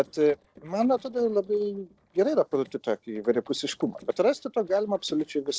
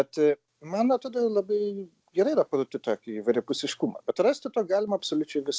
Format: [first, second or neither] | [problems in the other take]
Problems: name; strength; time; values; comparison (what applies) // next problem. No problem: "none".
second | noise reduction (neural separator model SepFormer DNS4)